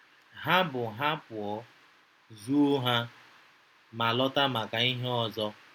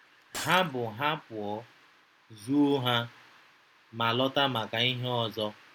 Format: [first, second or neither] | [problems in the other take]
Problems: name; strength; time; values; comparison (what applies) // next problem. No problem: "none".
first | background sound (Shatter); 13 dB below the speech